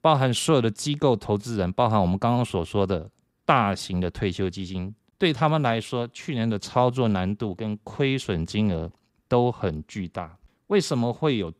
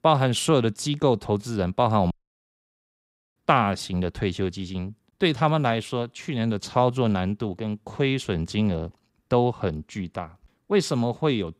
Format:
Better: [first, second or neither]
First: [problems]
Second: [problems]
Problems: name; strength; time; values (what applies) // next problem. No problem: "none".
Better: first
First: none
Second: audio cutting out; at 2 s for 1.5 s